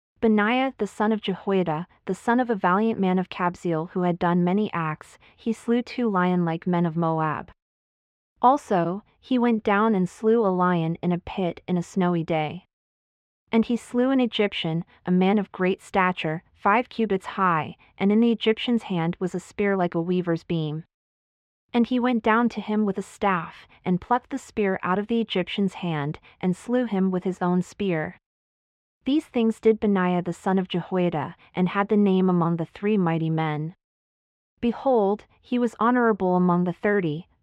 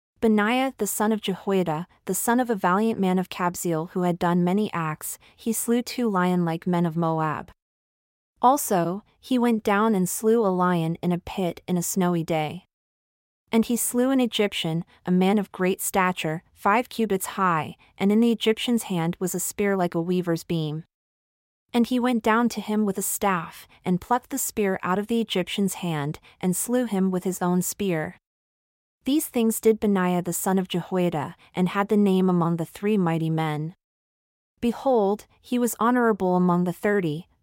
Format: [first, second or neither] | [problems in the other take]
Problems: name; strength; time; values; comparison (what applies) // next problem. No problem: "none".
second | muffled; very; fading above 2.5 kHz